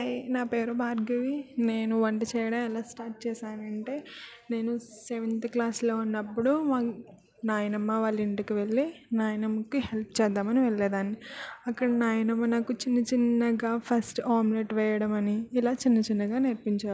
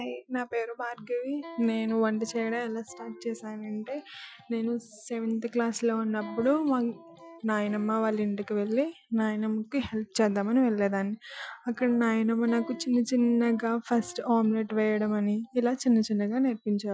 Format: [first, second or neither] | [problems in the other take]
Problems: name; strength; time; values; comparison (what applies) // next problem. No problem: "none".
first | noise reduction (classical method Wiener filter)